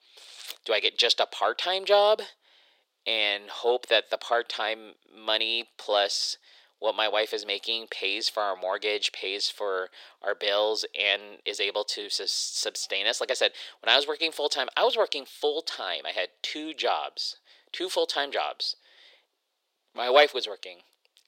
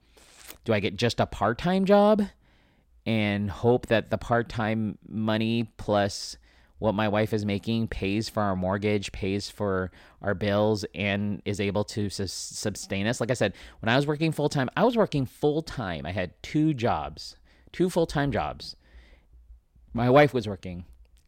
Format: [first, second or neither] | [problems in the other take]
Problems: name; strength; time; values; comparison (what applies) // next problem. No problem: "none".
second | thin; very; fading below 400 Hz